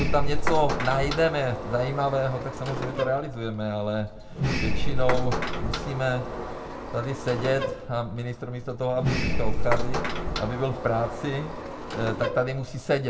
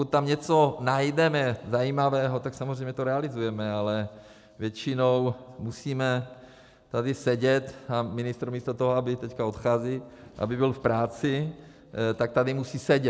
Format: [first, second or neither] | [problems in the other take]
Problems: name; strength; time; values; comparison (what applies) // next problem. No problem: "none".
second | background sound (Sliding door); 1 dB above the speech // room echo; dies away in 0.2 s